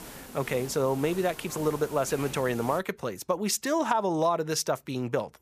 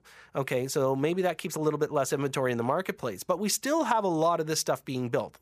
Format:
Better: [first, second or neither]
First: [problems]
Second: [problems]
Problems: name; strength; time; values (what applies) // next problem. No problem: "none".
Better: second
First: hiss; noticeable; until 3 s; 15 dB below the speech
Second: none